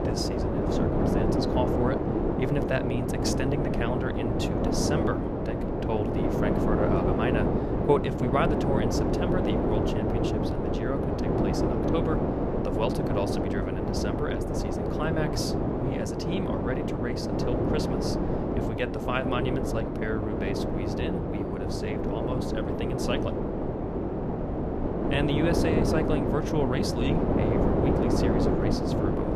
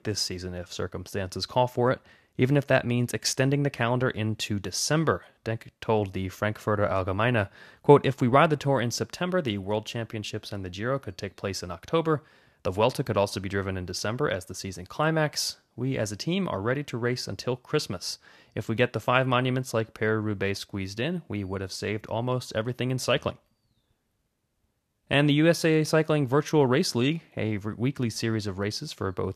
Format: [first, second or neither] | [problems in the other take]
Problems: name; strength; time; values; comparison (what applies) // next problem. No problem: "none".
second | wind noise on the microphone; heavy; 3 dB above the speech